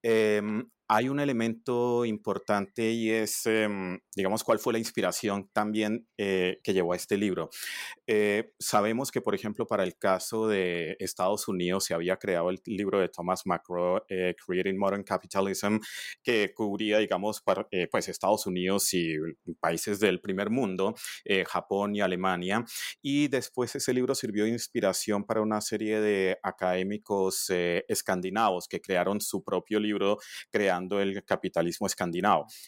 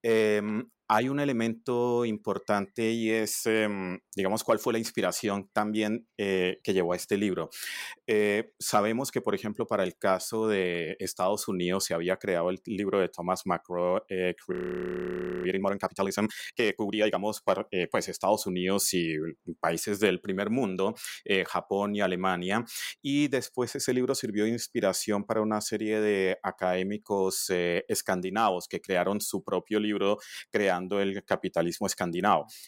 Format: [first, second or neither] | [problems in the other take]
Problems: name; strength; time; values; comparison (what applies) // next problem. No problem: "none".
first | audio freezing; at 15 s for 1 s